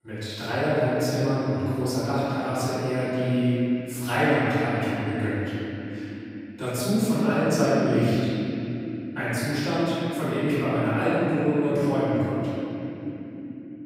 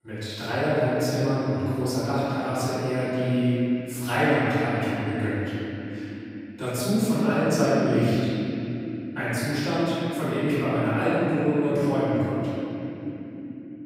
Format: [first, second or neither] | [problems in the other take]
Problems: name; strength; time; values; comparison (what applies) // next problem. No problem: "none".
neither | room echo; strong; dies away in 3 s; the same in both // off-mic speech; far; the same in both